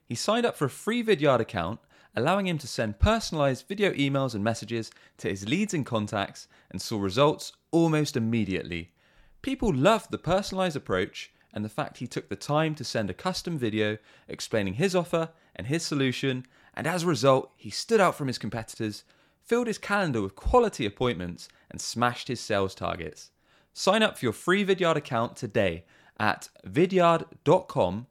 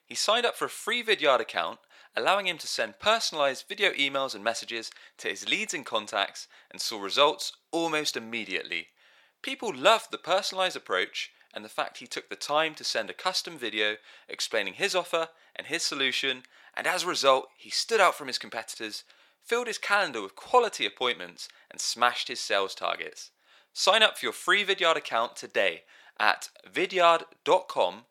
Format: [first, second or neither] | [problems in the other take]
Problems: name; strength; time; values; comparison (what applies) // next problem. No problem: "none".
first | thin; very; fading below 600 Hz